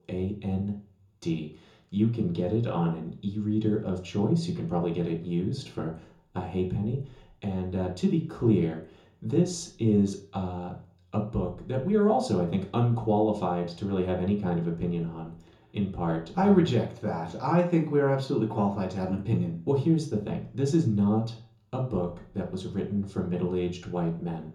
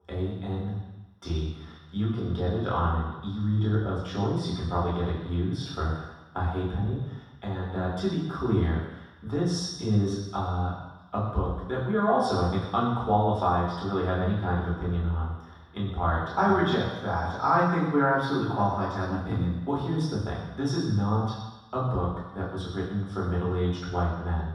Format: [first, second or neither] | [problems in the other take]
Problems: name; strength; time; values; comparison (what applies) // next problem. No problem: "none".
first | room echo; strong; dies away in 1.2 s; slight in the first // off-mic speech; far; far in the first